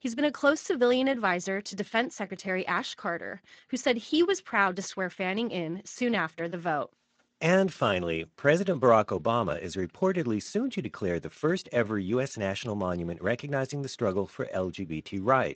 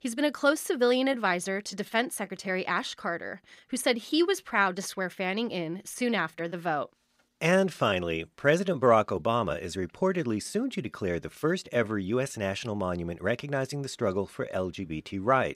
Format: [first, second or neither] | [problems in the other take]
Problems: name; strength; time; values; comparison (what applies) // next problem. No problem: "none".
second | garbled, watery; slightly; nothing above 7.5 kHz